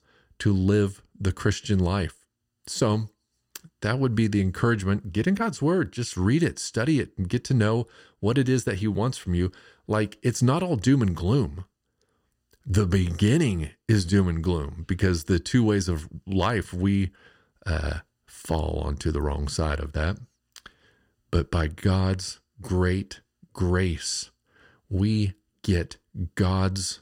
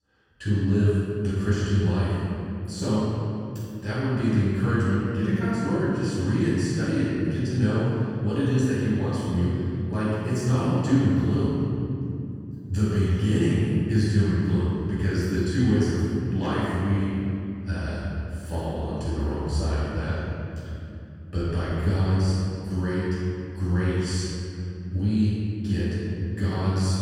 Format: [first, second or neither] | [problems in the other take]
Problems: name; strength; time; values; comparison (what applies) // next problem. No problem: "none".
first | off-mic speech; far // room echo; strong; dies away in 2.9 s